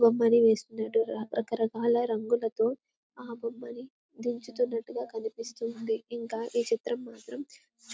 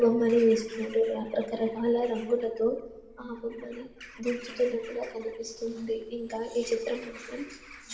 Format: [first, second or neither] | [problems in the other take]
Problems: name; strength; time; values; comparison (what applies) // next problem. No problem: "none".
first | background sound (Bird vocalization, bird call, bird song / Crow); 20 dB below the speech // room echo; dies away in 1 s